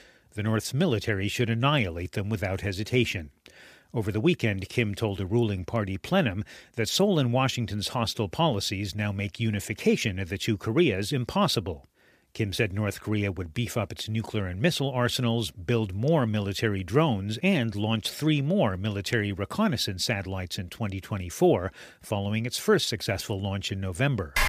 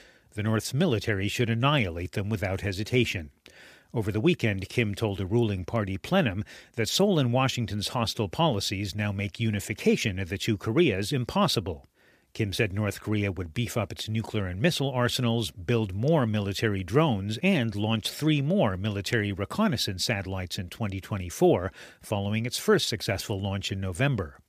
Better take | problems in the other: second | keyboard typing; loud; at 24 s; peak level with the speech

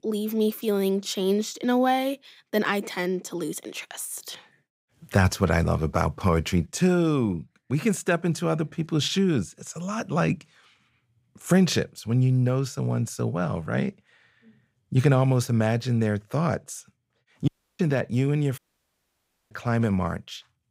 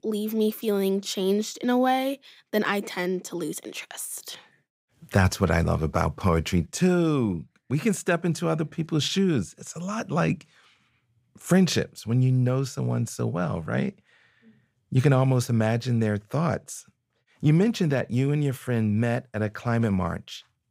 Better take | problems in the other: second | audio cutting out; at 17 s and at 19 s for 1 s

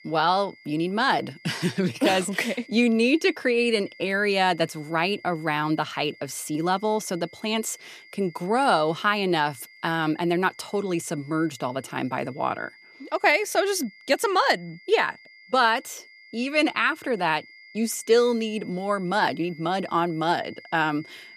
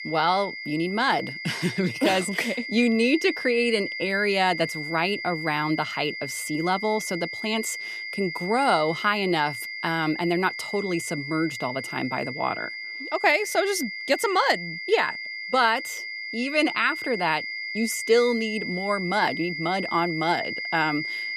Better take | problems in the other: first | high-pitched whine; loud; throughout; 2 kHz, 6 dB below the speech; faint in the first

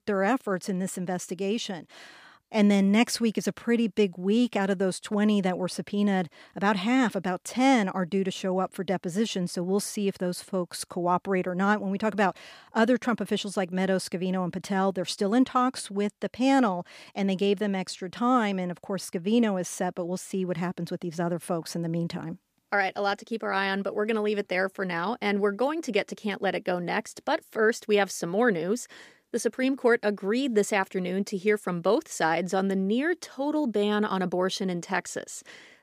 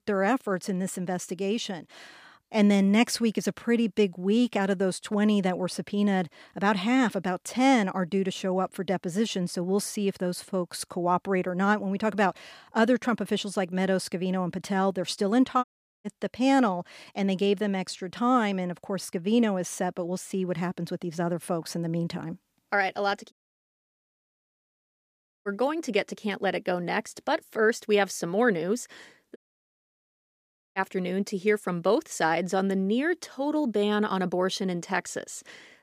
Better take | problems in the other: first | audio cutting out; at 16 s, at 23 s for 2 s and at 29 s for 1.5 s

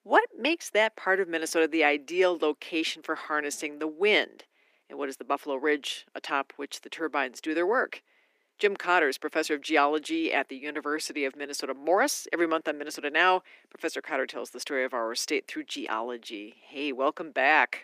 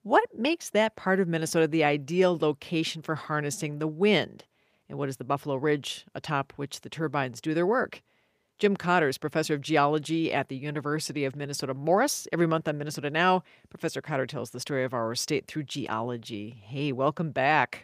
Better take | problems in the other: second | thin; somewhat; fading below 250 Hz

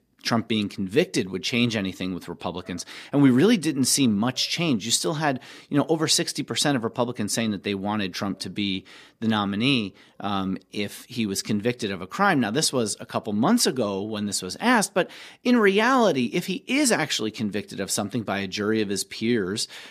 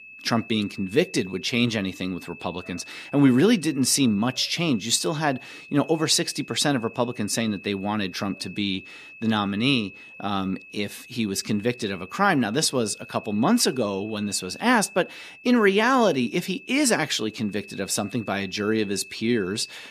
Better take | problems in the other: first | high-pitched whine; noticeable; throughout; 2.5 kHz, 20 dB below the speech

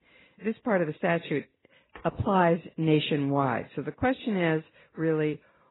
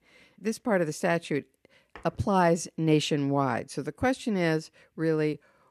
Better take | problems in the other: second | garbled, watery; badly; nothing above 4 kHz

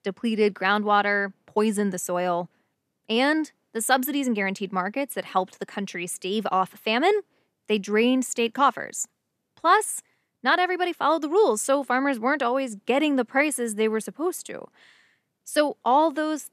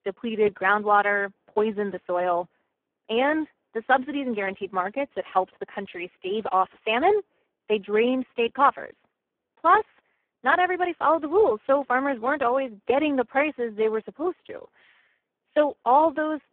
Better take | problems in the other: first | phone-call audio; poor line

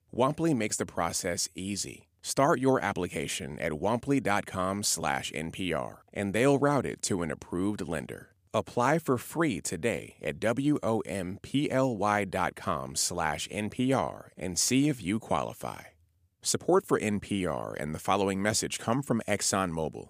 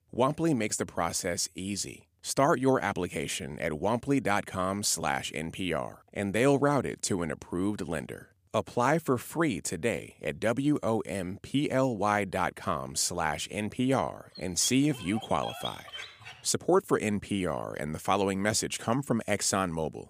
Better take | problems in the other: first | dog barking; noticeable; from 14 to 16 s; peak 9 dB below the speech

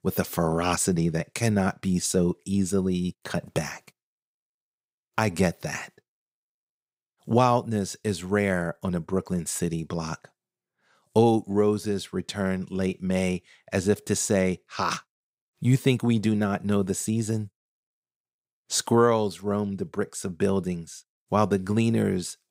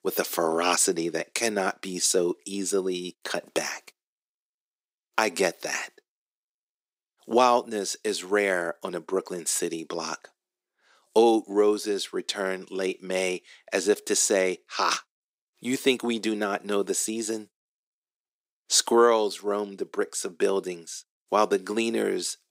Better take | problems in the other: first | thin; somewhat; fading below 300 Hz

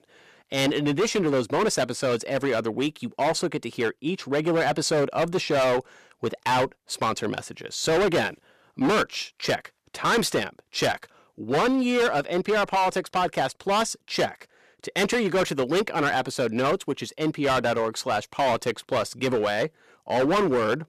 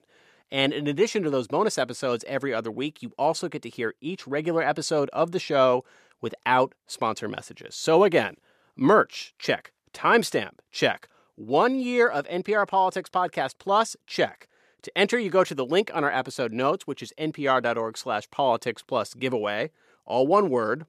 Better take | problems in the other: second | distortion; heavy; 15% of the sound clipped

